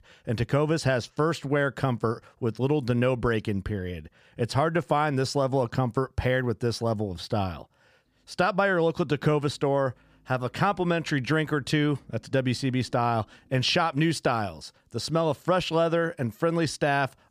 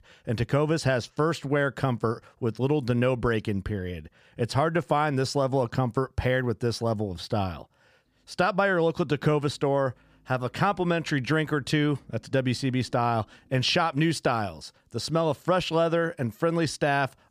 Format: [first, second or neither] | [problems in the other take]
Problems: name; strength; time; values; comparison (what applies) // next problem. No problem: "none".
neither | none